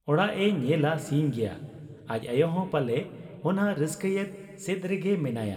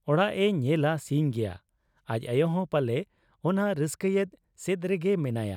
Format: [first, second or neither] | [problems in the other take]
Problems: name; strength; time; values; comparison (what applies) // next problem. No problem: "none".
second | room echo; dies away in 2.1 s